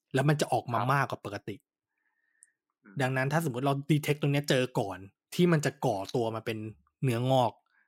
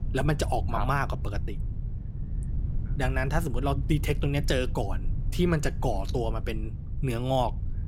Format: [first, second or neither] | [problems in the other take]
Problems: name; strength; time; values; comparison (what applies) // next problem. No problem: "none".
first | low rumble; noticeable; throughout; 15 dB below the speech